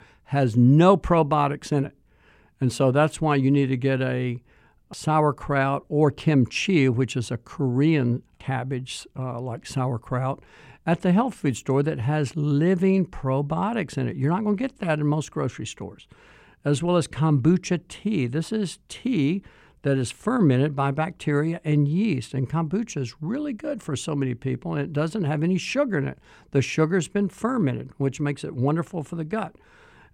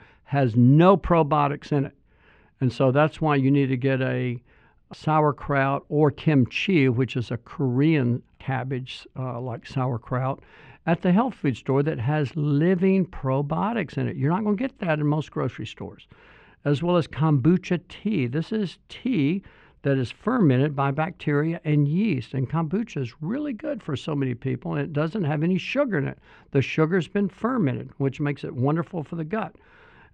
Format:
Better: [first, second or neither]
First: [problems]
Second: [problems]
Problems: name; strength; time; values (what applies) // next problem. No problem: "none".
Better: first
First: none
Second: muffled; slightly; fading above 3 kHz